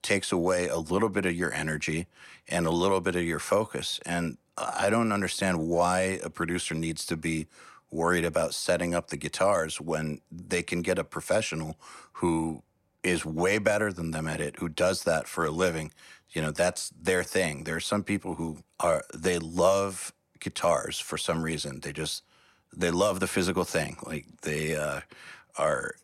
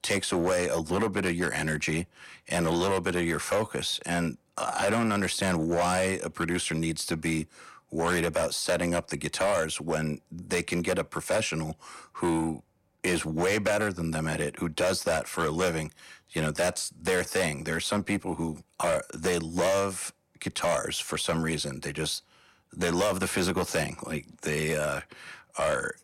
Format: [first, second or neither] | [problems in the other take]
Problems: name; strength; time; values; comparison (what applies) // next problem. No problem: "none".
first | distortion; slight; 8% of the sound clipped